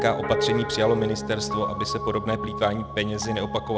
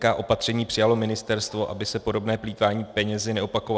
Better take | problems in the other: second | background sound (Piano); 3 dB below the speech

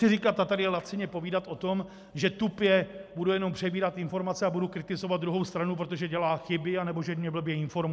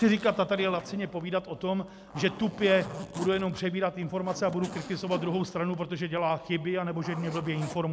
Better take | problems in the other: first | background sound (Zipper (clothing)); 15 dB below the speech

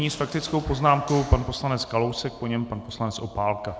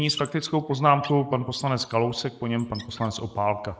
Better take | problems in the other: first | noise reduction (neural mask model Resemble Enhance denoiser)

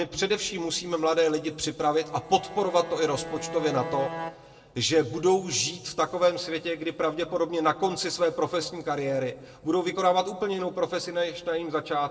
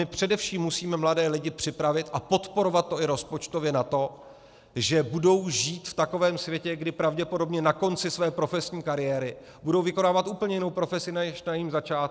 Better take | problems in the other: second | background sound (Bowed string instrument); 11 dB below the speech // room echo; dies away in 1.3 s

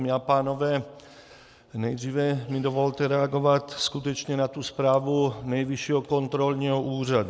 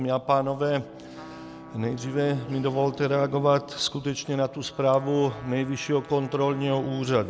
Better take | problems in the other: first | background sound (Bowed string instrument + Trumpet); 18 dB below the speech

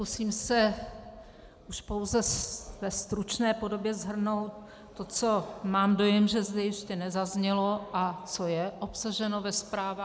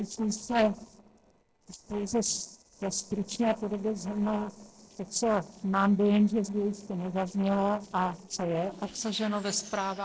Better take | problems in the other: first | noise reduction (neural separator model SepFormer DNS4)

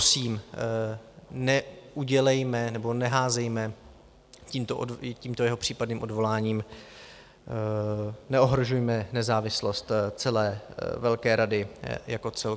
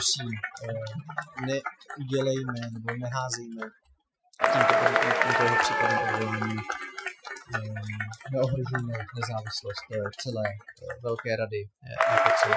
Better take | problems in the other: first | noise reduction (classical method Wiener filter)

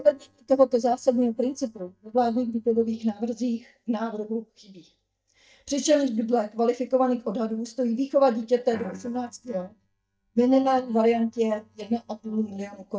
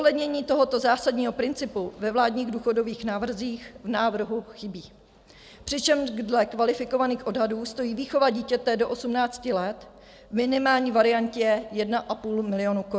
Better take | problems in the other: second | noise reduction (neural mask model DeepFilterNet 3)

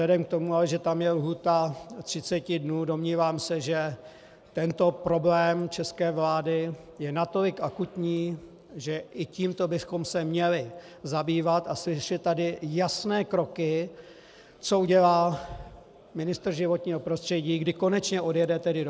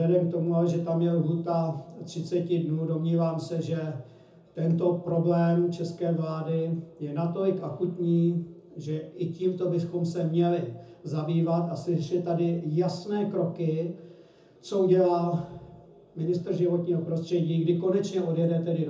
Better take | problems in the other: first | room echo; dies away in 0.5 s

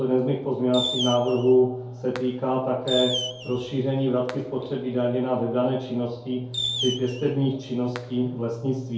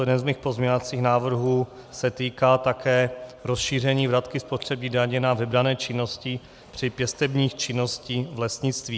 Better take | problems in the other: second | background sound (Fireworks); 9 dB below the speech // room echo; dies away in 2.3 s

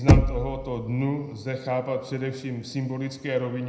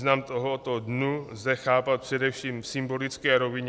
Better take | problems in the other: second | background sound (Knock); 4 dB above the speech // room echo; dies away in 0.7 s

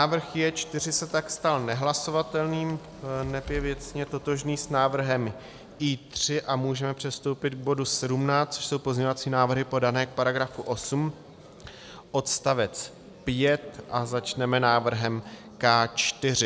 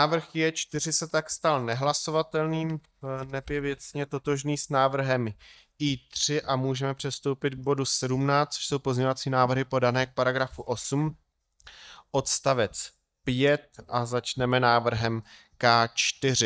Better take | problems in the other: first | noise reduction (neural mask model DeepFilterNet 3)

